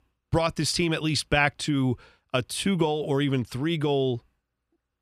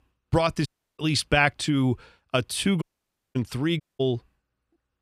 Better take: first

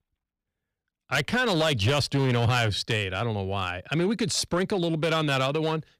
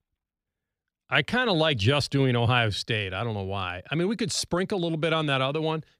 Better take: second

